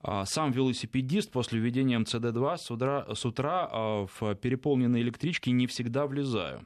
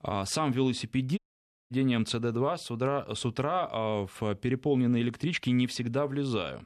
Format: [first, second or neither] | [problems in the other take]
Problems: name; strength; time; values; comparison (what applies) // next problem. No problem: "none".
first | audio cutting out; at 1 s for 0.5 s